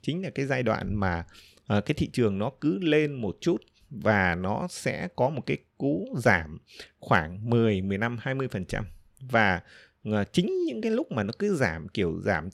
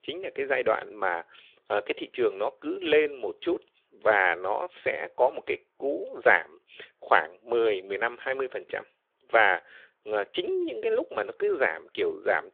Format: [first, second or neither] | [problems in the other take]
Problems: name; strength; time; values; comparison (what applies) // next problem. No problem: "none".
first | phone-call audio